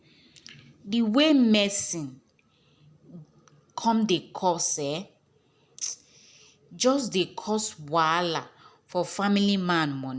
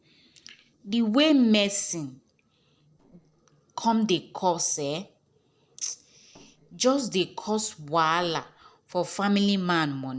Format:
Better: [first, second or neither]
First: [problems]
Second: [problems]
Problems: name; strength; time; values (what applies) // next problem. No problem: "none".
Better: first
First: none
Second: noise reduction (neural separator model SepFormer DNS4)